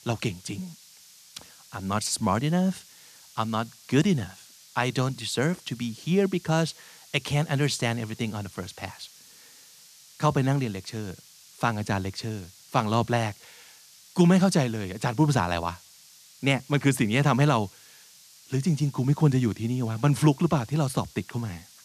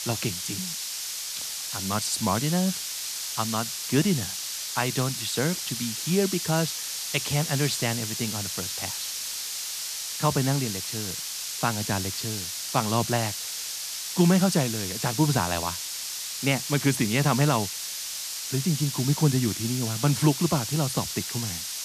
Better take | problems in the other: first | hiss; loud; throughout; 3 dB below the speech; faint in the first

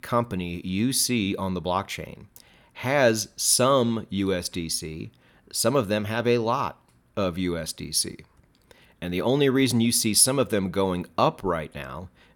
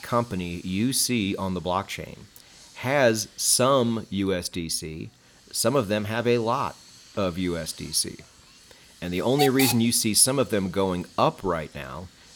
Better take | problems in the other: first | hiss; noticeable; throughout; 10 dB below the speech

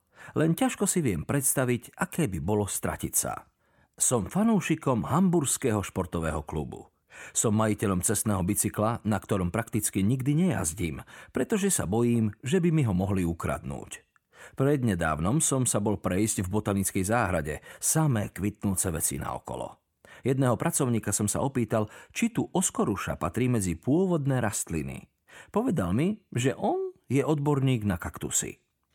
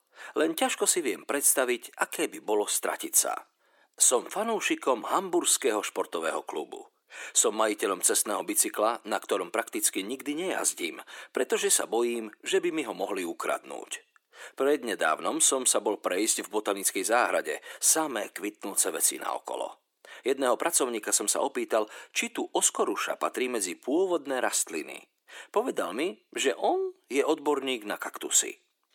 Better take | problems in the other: first | thin; very; fading below 350 Hz

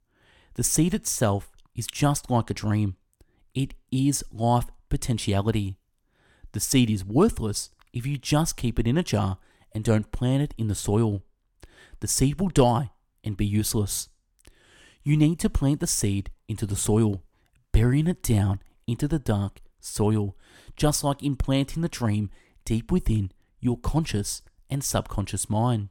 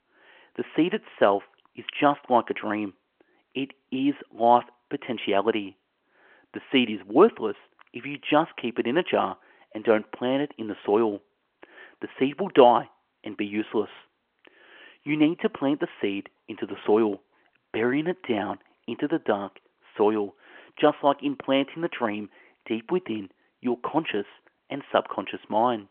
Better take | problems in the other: first | phone-call audio

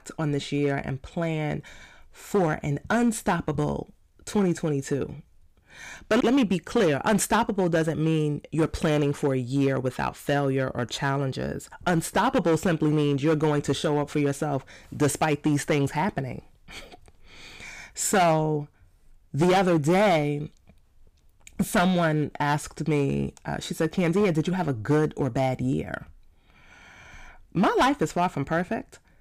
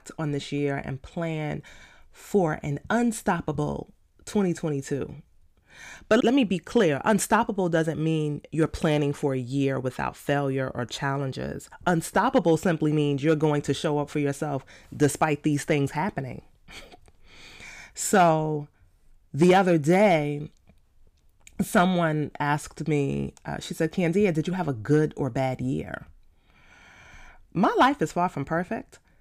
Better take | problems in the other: second | distortion; slight; 6% of the sound clipped

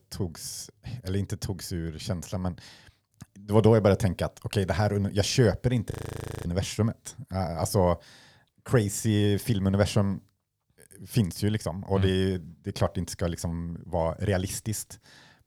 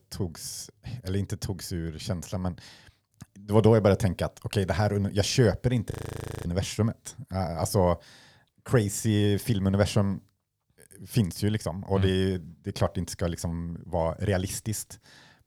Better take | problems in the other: neither | audio freezing; at 6 s for 0.5 s; the same in both

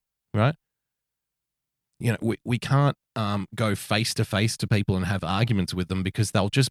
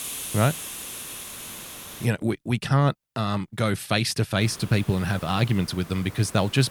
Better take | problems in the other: first | hiss; noticeable; until 2 s and from 4.5 s on; 10 dB below the speech

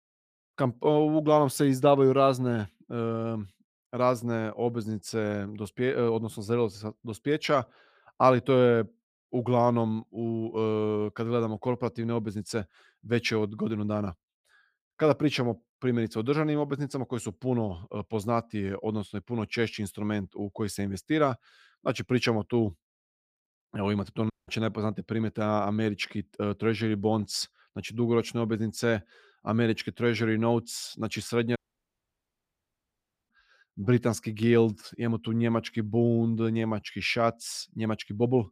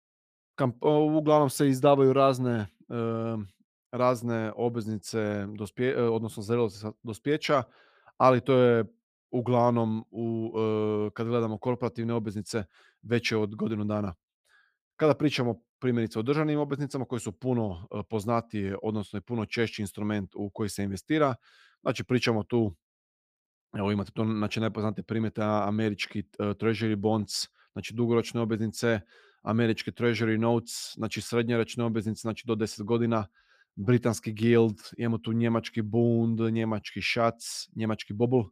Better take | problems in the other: second | audio cutting out; at 24 s and at 32 s for 1.5 s

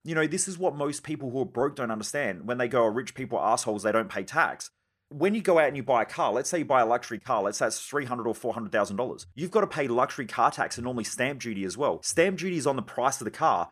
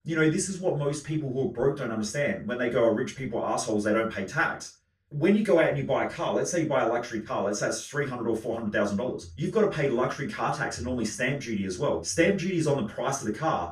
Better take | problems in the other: first | room echo; slight; dies away in 0.2 s // off-mic speech; far

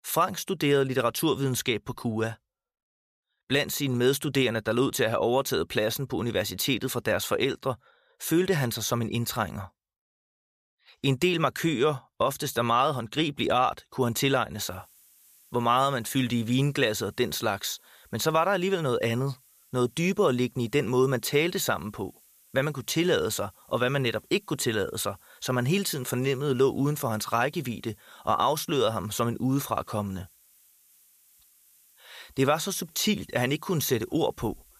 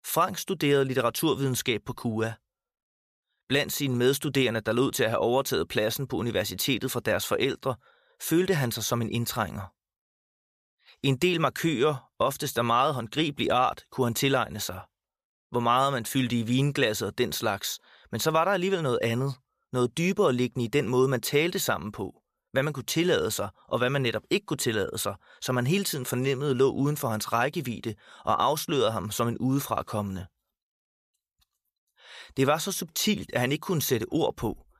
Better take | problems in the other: second | hiss; faint; from 15 s on; 30 dB below the speech

